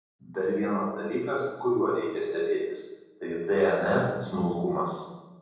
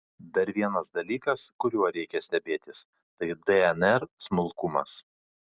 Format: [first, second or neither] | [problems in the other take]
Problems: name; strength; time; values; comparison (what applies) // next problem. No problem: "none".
second | room echo; dies away in 1.3 s